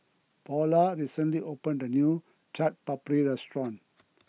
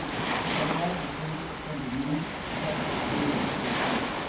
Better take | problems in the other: first | background sound (Waves, surf); 4 dB above the speech // room echo; dies away in 0.9 s

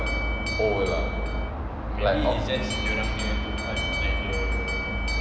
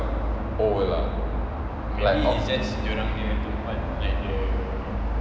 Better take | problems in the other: second | background sound (Alarm); 7 dB below the speech

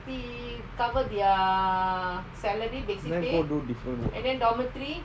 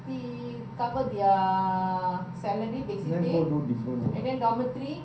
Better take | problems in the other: first | room echo; dies away in 0.6 s

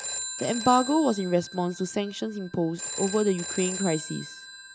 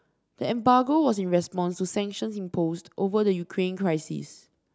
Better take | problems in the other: second | background sound (Telephone); 9 dB below the speech

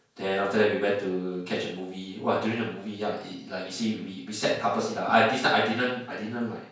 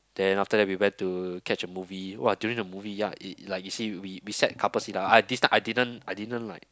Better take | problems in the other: second | room echo; dies away in 0.5 s

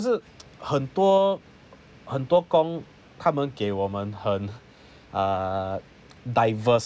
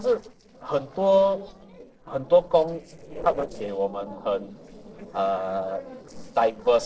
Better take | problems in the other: first | noise reduction (neural separator model SepFormer DNS4)

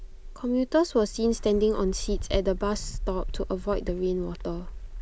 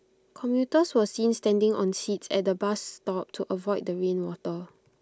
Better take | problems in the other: second | background sound (Bird); 6 dB below the speech

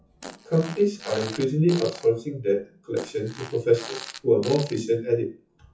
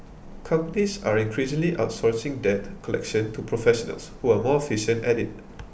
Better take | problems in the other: second | noise reduction (classical method WPE with log-MMSE)

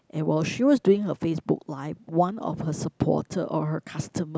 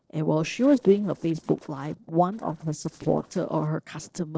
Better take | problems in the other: first | noise reduction (neural separator model SepFormer DNS4)

